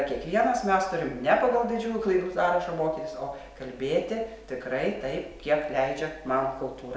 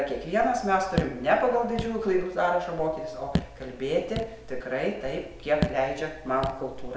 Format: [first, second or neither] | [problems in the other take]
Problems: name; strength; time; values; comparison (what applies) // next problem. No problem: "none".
first | background sound (Raindrop / Drip); 7 dB below the speech